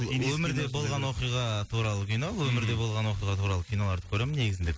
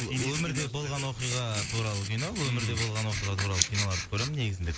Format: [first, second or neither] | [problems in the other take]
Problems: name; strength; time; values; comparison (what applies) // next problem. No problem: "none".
first | noise reduction (neural mask model Resemble Enhance denoiser)